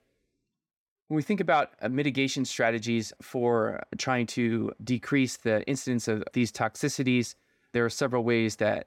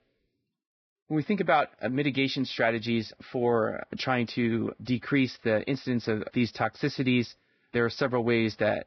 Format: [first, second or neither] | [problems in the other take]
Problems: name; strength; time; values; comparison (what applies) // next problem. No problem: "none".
first | garbled, watery; badly; nothing above 5.5 kHz